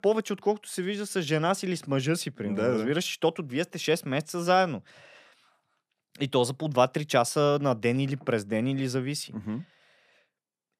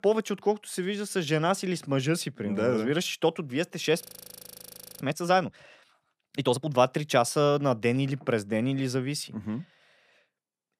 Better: first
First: none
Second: audio freezing; at 4 s for 1 s

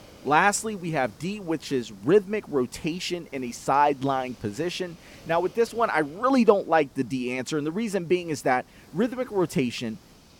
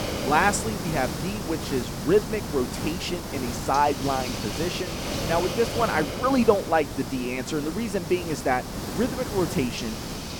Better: first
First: hiss; faint; throughout; 25 dB below the speech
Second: hiss; loud; throughout; 5 dB below the speech

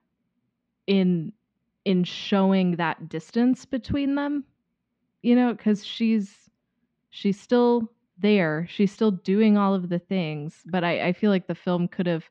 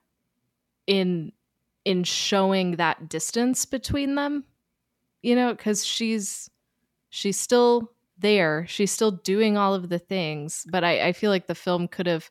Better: second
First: muffled; slightly; fading above 3.5 kHz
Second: none

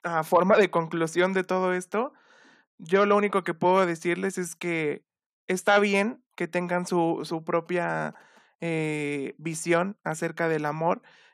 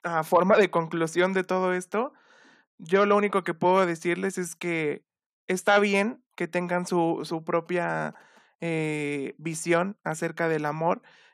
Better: neither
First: none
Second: none

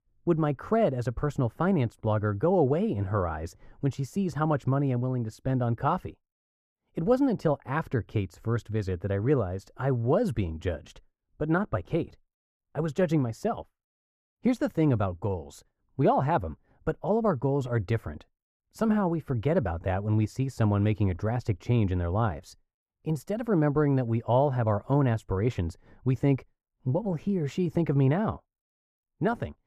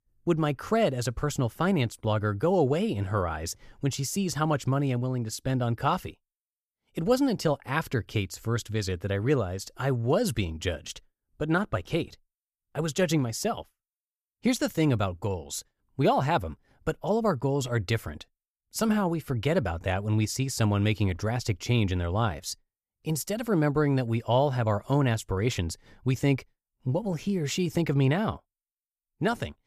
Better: second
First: muffled; very; fading above 2 kHz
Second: none

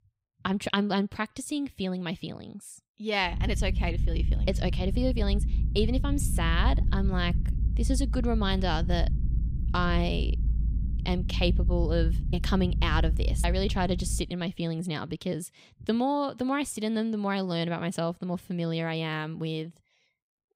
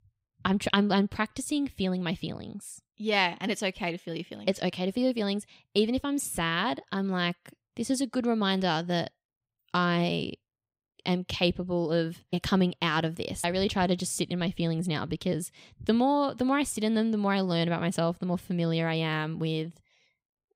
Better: second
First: low rumble; noticeable; from 3.5 to 14 s; 15 dB below the speech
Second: none

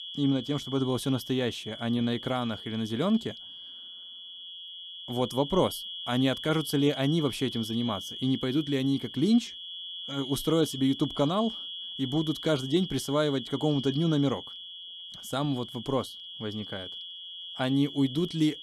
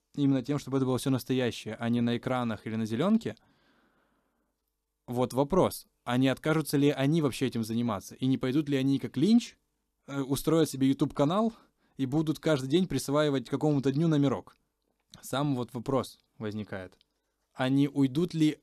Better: second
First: high-pitched whine; loud; throughout; 3.5 kHz, 9 dB below the speech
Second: none

